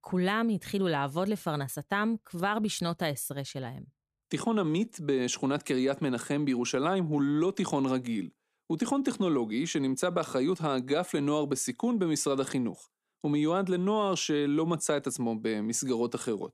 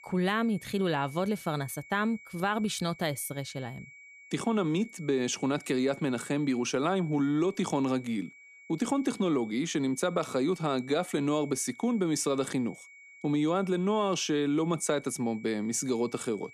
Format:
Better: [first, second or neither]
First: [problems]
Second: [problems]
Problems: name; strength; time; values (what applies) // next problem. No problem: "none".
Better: first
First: none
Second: high-pitched whine; faint; throughout; 2.5 kHz, 20 dB below the speech